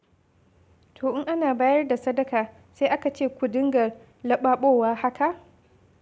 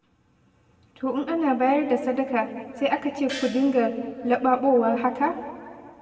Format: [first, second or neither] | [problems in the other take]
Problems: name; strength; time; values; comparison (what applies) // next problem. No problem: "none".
first | background sound (Gong); 16 dB below the speech // room echo; dies away in 1.9 s